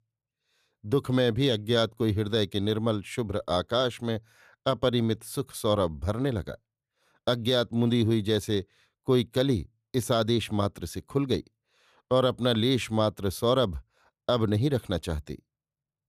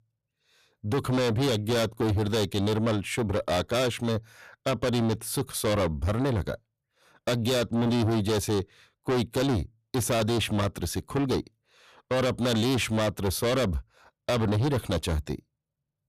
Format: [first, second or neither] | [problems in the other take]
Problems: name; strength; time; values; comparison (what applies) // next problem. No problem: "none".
first | distortion; heavy; 6 dB below the speech